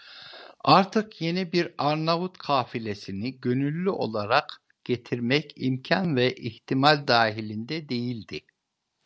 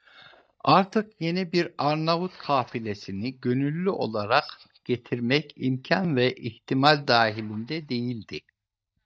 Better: first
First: none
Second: noise reduction (neural mask model DeepFilterNet 3)

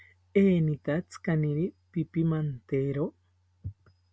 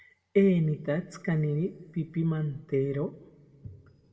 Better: first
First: none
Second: room echo; dies away in 1.6 s

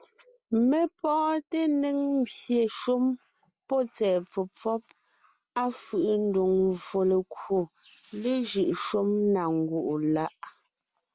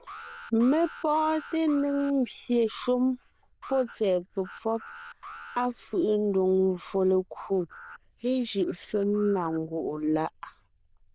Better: first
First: none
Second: noise reduction (neural diffusion model UNIVERSE++)

